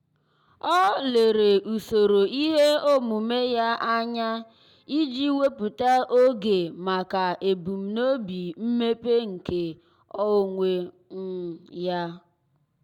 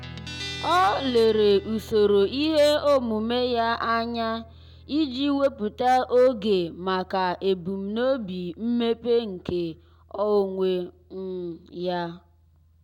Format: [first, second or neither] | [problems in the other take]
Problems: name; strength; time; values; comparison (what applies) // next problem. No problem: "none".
first | background sound (Guitar); 19 dB below the speech